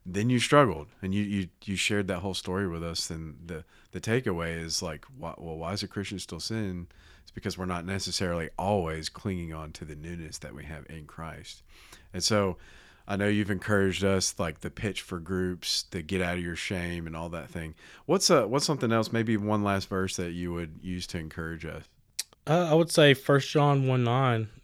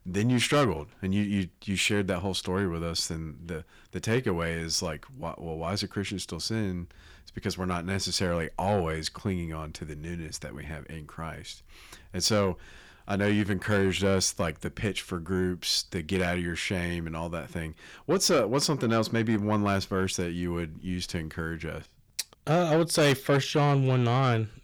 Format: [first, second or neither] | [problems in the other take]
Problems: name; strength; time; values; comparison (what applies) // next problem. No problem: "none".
first | distortion; slight; 10 dB below the speech